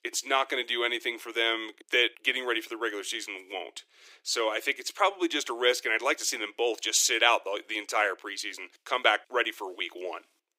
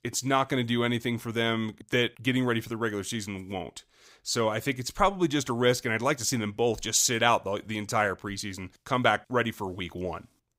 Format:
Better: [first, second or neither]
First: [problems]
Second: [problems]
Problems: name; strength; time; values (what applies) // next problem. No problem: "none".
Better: second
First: thin; very; fading below 300 Hz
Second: none